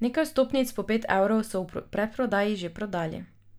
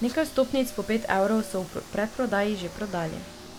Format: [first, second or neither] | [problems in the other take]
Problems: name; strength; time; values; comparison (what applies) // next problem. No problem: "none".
first | background sound (Car); 15 dB below the speech